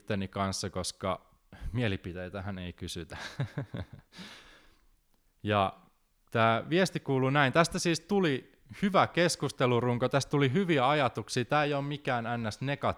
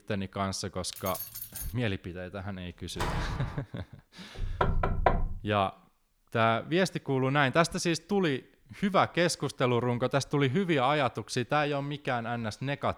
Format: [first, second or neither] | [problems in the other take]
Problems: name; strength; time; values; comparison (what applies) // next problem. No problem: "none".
first | jangling keys; noticeable; at 1 s; peak 7 dB below the speech // door banging; noticeable; at 3 s; peak 4 dB below the speech // door banging; loud; at 4.5 s; peak 1 dB above the speech